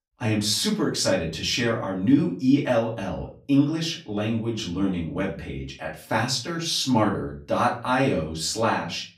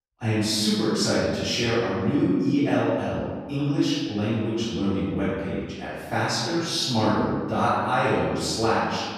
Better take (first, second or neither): first